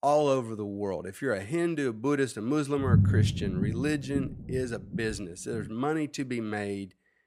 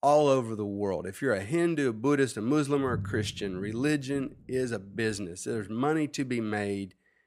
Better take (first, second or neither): second